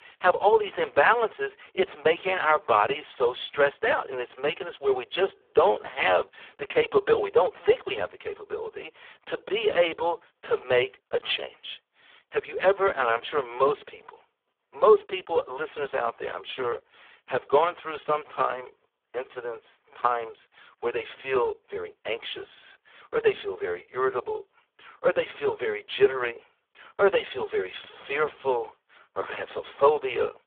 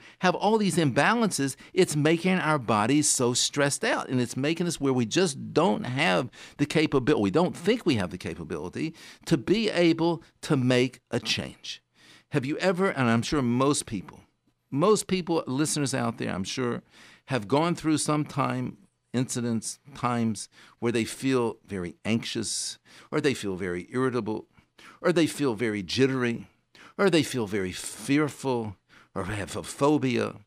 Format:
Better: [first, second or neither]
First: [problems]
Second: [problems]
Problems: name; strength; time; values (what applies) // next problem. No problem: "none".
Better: second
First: phone-call audio; poor line; nothing above 3.5 kHz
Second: none